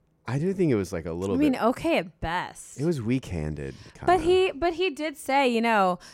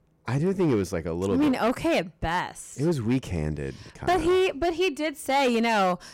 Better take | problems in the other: first | distortion; slight; 10% of the sound clipped

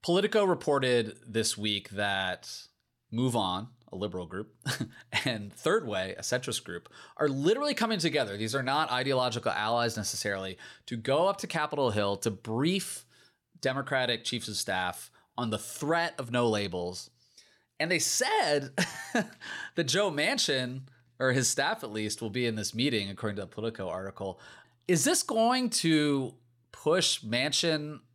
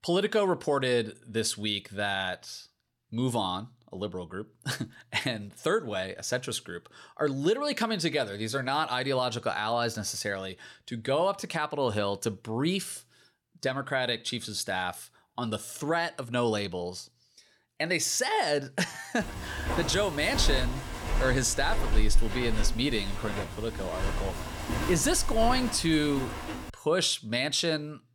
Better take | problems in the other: first | footsteps; noticeable; from 20 to 26 s; peak level with the speech

